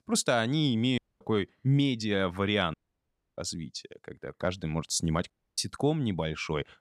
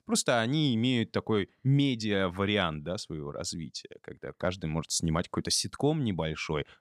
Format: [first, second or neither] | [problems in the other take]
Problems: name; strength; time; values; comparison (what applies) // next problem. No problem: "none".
second | audio cutting out; at 1 s, at 2.5 s for 0.5 s and at 5.5 s